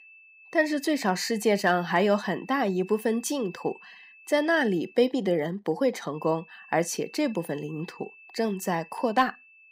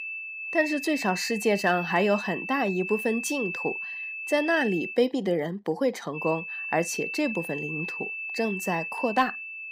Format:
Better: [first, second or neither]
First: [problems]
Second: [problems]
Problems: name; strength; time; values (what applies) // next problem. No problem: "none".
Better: first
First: high-pitched whine; faint; until 5 s and from 6 s on; 2.5 kHz, 25 dB below the speech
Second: high-pitched whine; loud; until 5 s and from 6 s on; 2.5 kHz, 5 dB below the speech